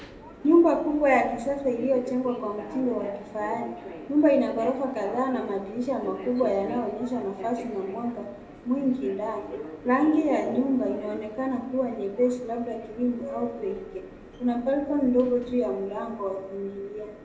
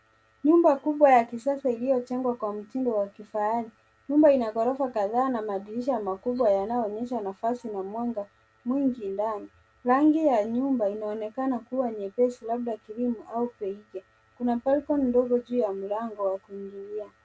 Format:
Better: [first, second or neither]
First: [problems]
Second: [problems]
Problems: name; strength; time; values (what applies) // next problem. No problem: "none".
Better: second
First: background sound (Subway, metro, underground); 14 dB below the speech // room echo; dies away in 0.8 s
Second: none